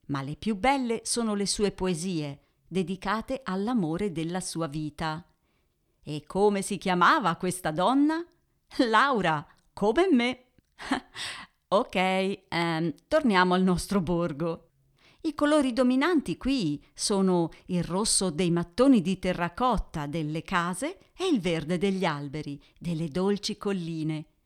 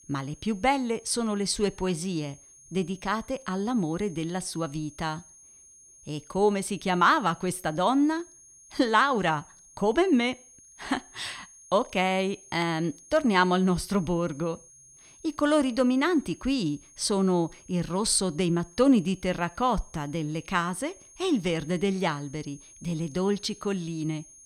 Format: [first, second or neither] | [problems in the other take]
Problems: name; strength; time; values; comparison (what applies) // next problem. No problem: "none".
first | high-pitched whine; faint; throughout; 6.5 kHz, 25 dB below the speech